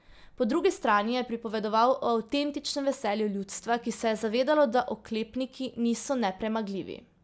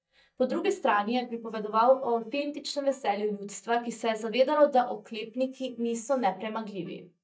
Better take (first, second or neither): first